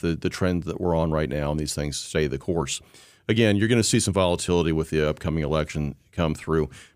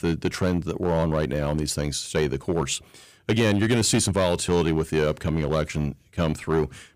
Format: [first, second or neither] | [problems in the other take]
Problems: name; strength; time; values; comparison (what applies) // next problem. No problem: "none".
first | distortion; slight; 5% of the sound clipped